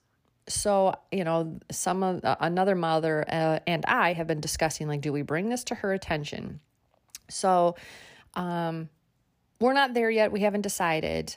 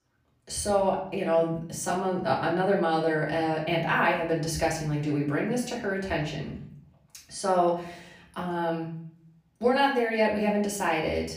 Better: first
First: none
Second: off-mic speech; far // room echo; slight; dies away in 0.6 s

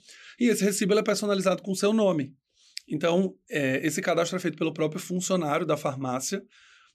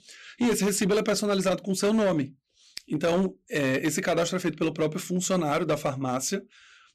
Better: first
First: none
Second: distortion; slight; 9% of the sound clipped

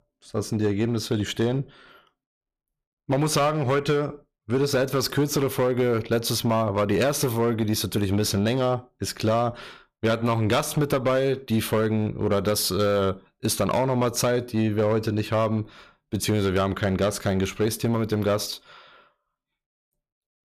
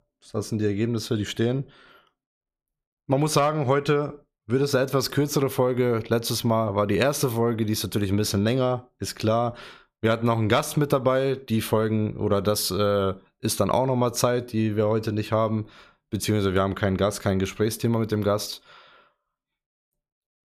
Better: second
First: distortion; slight; 8% of the sound clipped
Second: none

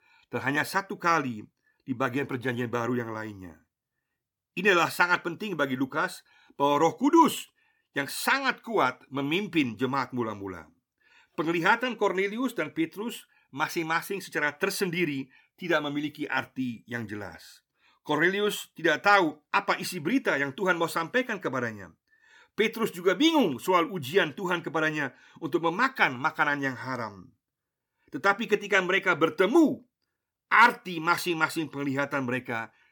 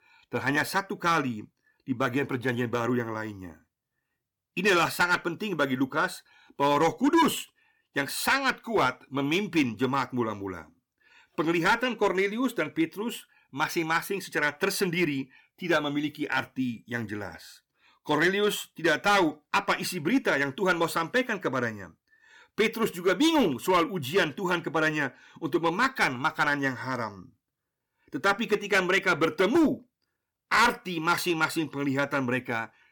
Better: first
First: none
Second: distortion; slight; 3% of the sound clipped

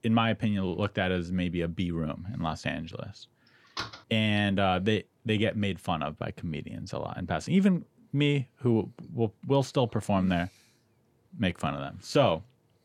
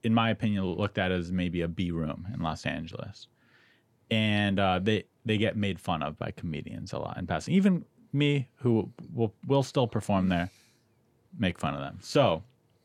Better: second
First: door banging; noticeable; at 4 s; peak 8 dB below the speech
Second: none

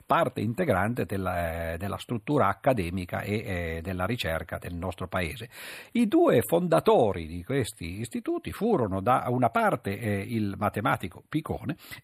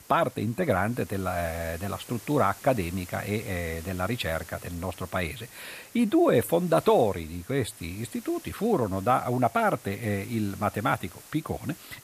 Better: first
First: none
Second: hiss; noticeable; throughout; 20 dB below the speech

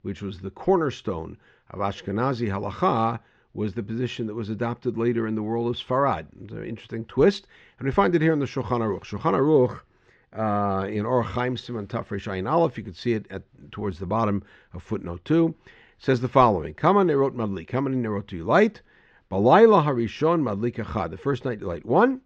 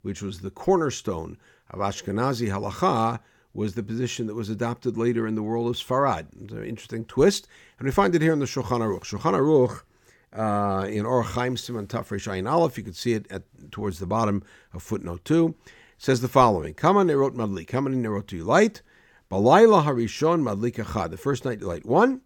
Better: second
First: muffled; slightly; fading above 4 kHz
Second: none

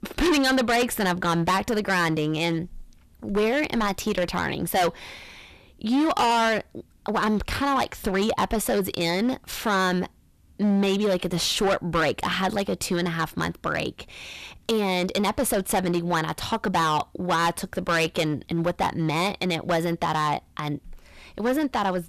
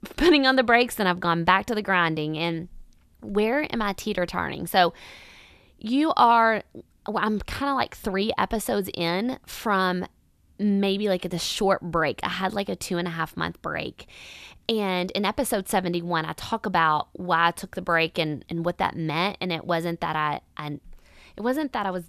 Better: second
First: distortion; heavy; 11% of the sound clipped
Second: none

